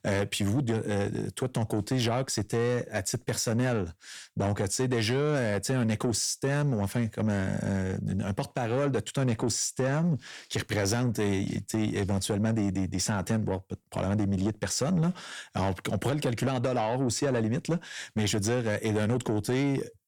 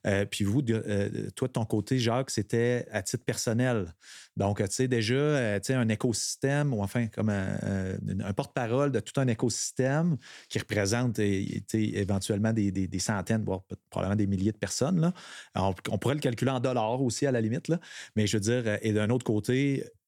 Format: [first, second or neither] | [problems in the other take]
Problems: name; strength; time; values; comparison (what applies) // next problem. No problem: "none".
second | distortion; slight; 10 dB below the speech